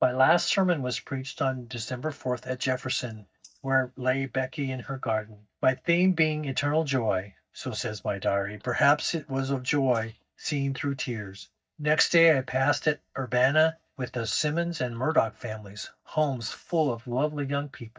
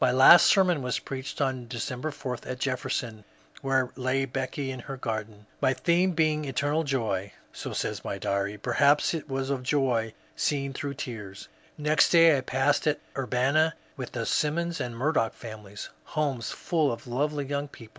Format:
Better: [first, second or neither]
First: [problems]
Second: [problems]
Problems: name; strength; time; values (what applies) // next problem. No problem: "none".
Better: second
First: noise reduction (neural mask model DeepFilterNet 3)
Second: none